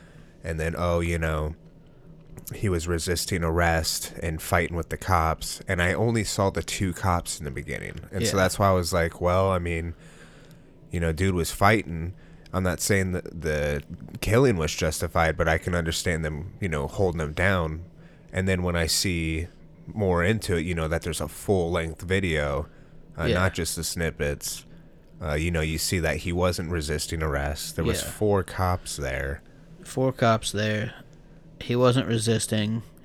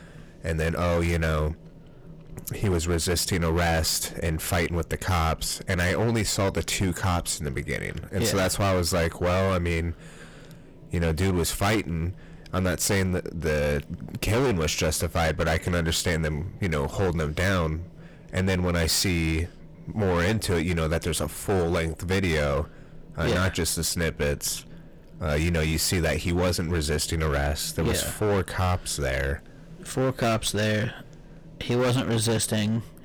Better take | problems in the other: first | distortion; heavy; 16% of the sound clipped

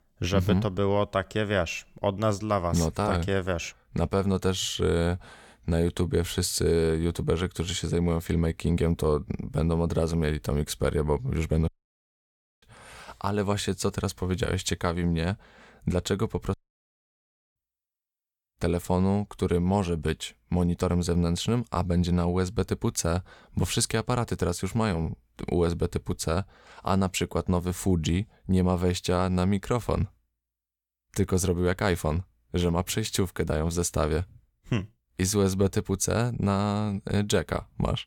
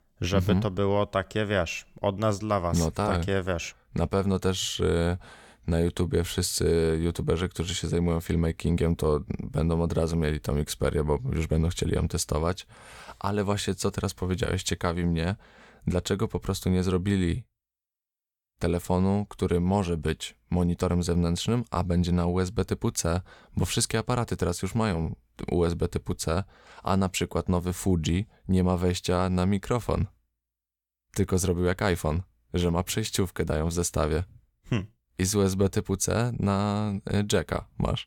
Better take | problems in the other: second | audio cutting out; at 12 s for 1 s and at 17 s for 1 s

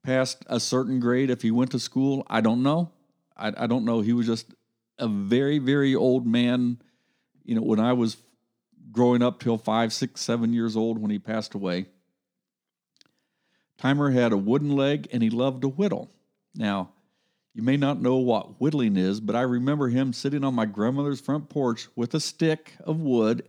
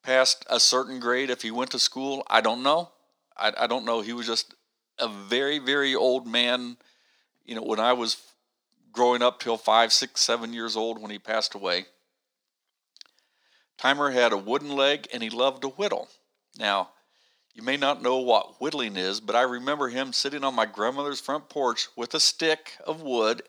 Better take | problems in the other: first | thin; very; fading below 700 Hz

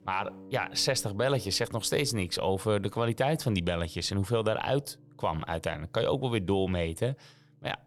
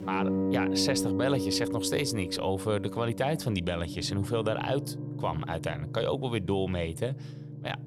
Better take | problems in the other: first | background music; loud; throughout; 4 dB below the speech; faint in the first

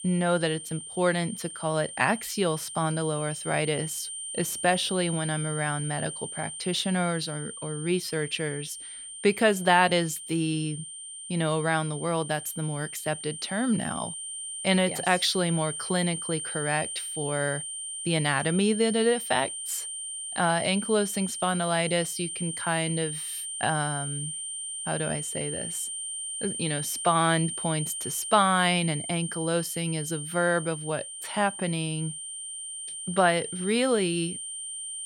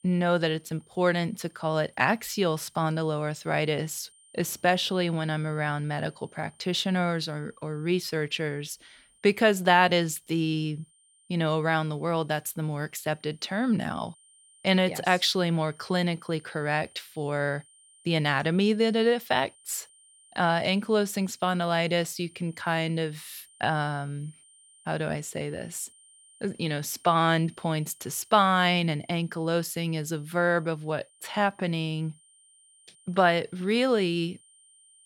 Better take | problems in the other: second | high-pitched whine; loud; throughout; 9 kHz, 6 dB below the speech; faint in the second

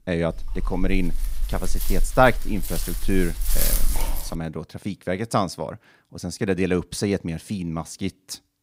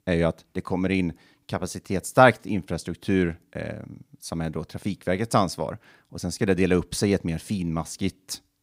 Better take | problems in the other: second | dog barking; loud; until 4.5 s; peak 4 dB above the speech

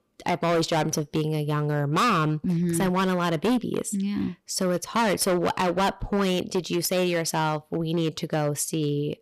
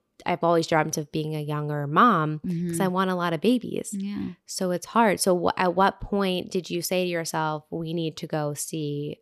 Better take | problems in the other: second | distortion; heavy; 14% of the sound clipped

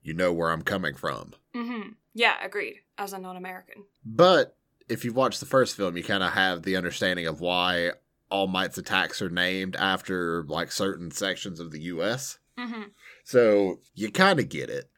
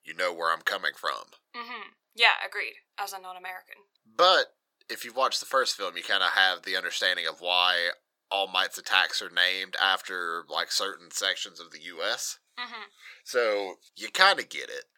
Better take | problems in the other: first | thin; very; fading below 850 Hz

